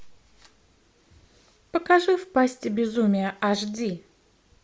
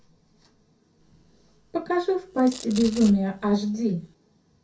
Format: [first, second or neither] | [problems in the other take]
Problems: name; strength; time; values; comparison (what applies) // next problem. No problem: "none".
first | background sound (Domestic sounds, home sounds); 18 dB below the speech // room echo; dies away in 0.3 s